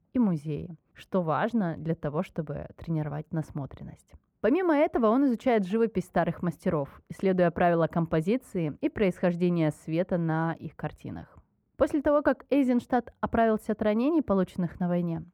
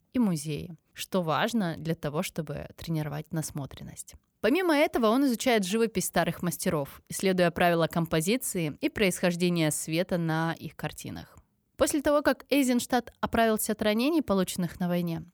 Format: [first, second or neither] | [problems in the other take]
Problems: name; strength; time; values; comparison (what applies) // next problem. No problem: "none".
second | muffled; very; fading above 3 kHz